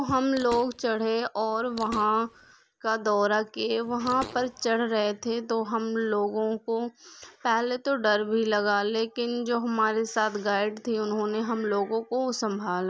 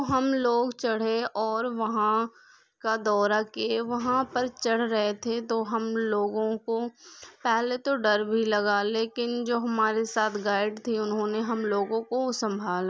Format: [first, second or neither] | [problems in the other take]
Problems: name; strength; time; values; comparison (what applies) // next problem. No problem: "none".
second | background sound (Fart); 17 dB below the speech